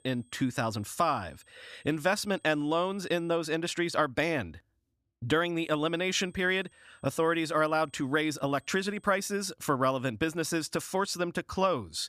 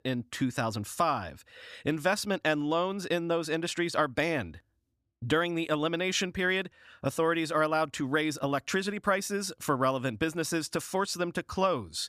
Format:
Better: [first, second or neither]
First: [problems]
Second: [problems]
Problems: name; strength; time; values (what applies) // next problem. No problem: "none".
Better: second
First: high-pitched whine; faint; until 3.5 s and from 5.5 to 9.5 s; 8.5 kHz, 35 dB below the speech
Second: none